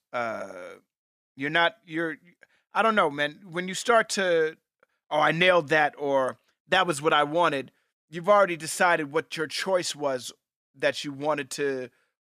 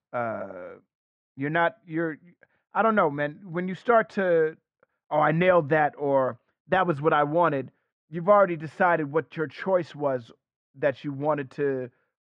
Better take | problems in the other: first | muffled; very; fading above 1.5 kHz

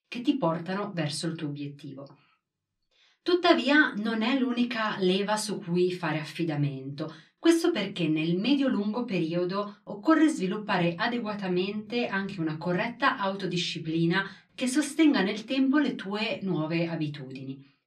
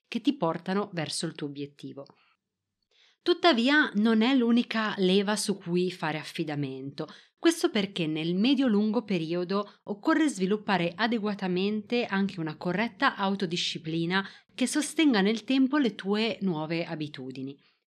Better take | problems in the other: second | off-mic speech; far // room echo; very slight; dies away in 0.2 s

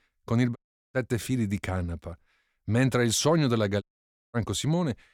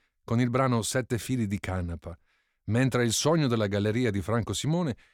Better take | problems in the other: second | audio cutting out; at 0.5 s and at 4 s for 0.5 s

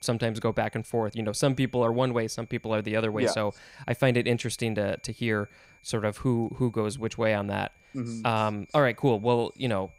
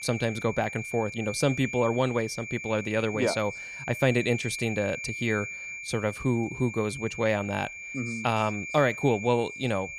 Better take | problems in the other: first | high-pitched whine; loud; throughout; 2.5 kHz, 8 dB below the speech; faint in the first

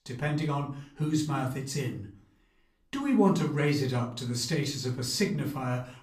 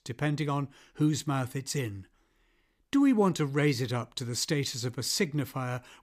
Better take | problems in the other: second | room echo; slight; dies away in 0.4 s // off-mic speech; far

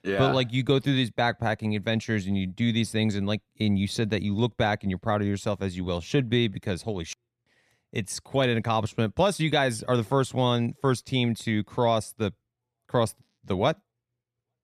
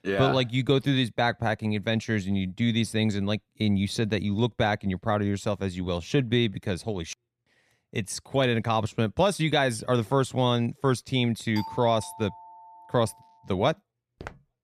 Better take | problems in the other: first | doorbell; faint; from 12 to 13 s; peak 10 dB below the speech // footsteps; faint; at 14 s; peak 20 dB below the speech

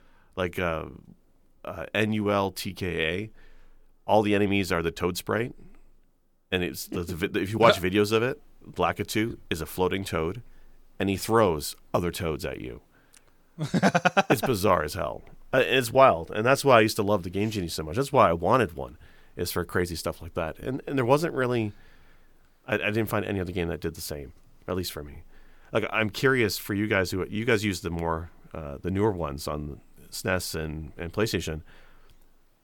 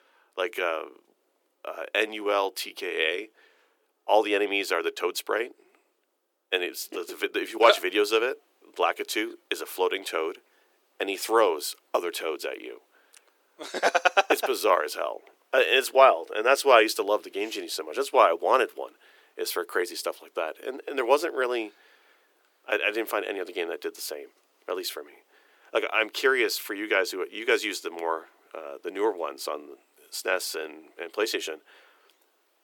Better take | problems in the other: first | thin; very; fading below 350 Hz

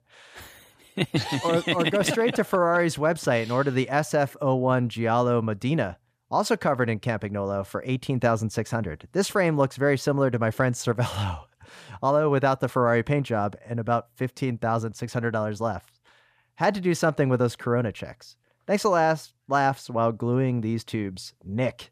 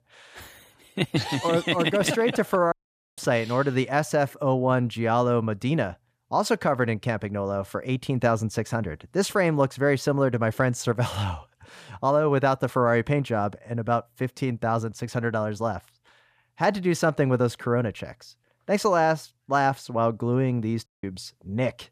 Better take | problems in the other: first | audio cutting out; at 2.5 s and at 21 s

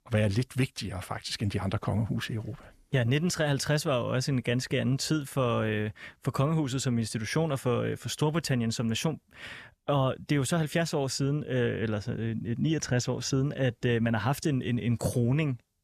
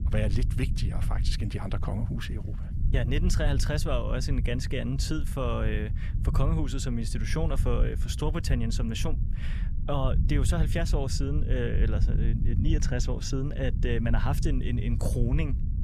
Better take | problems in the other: first | low rumble; noticeable; throughout; 10 dB below the speech

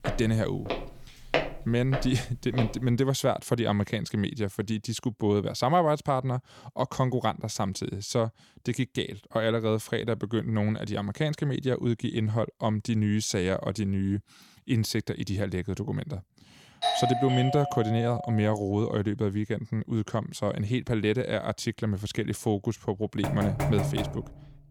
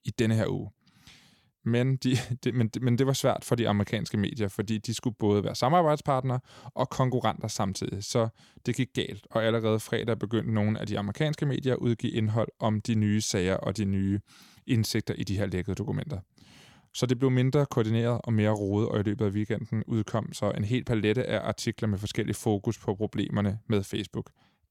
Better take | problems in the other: second | footsteps; noticeable; until 3 s; peak 1 dB below the speech // doorbell; loud; from 17 to 18 s; peak 2 dB above the speech // door banging; loud; from 23 s on; peak level with the speech

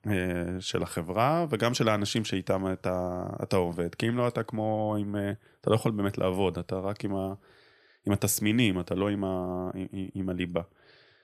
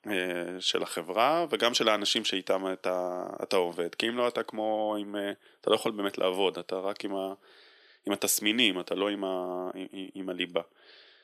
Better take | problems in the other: first | thin; somewhat; fading below 300 Hz

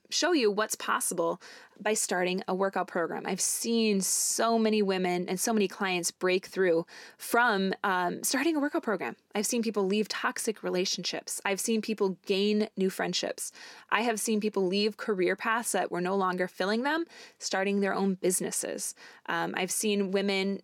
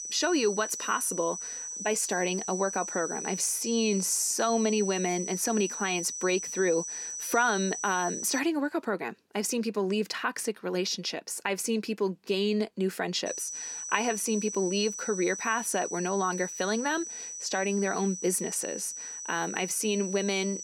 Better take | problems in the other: first | high-pitched whine; loud; until 8.5 s and from 13 s on; 6 kHz, 6 dB below the speech

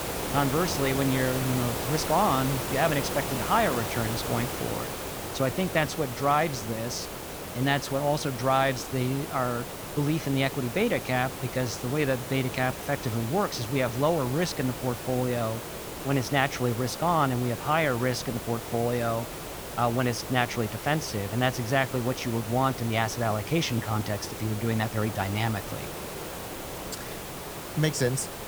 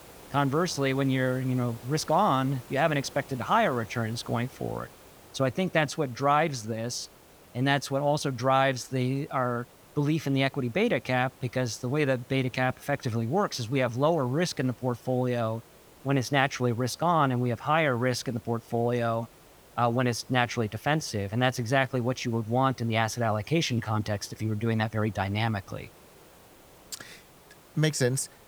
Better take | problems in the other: second | hiss; loud; throughout; 6 dB below the speech; faint in the second

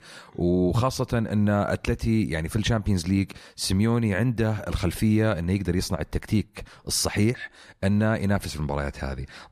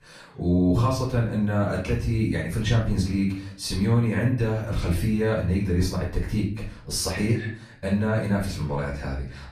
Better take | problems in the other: first | off-mic speech; far // room echo; slight; dies away in 0.4 s

